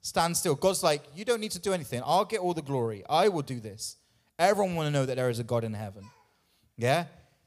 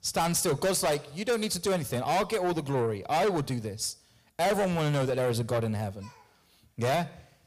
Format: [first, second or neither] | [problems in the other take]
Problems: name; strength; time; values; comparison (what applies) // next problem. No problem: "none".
first | distortion; heavy; 6 dB below the speech